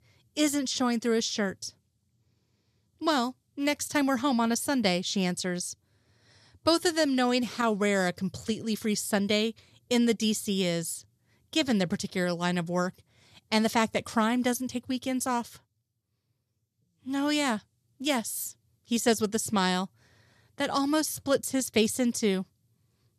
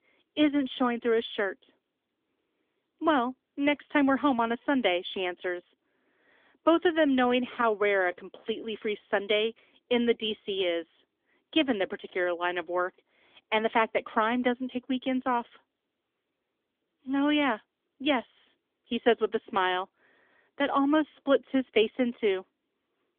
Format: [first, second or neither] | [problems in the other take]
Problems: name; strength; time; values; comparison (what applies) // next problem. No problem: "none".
first | phone-call audio; nothing above 3.5 kHz